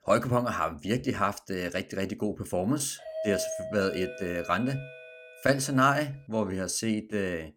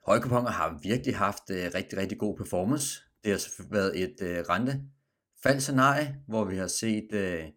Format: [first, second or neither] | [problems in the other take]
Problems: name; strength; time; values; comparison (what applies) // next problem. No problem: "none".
second | doorbell; noticeable; from 3 to 5.5 s; peak 4 dB below the speech